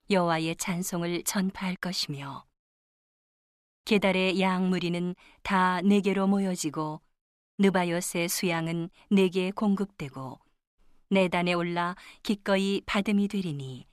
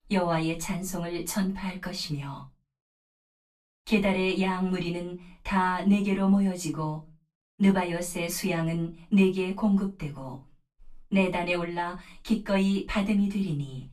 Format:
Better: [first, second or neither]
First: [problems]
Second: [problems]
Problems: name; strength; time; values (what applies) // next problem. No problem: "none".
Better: first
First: none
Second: off-mic speech; far // room echo; very slight; dies away in 0.2 s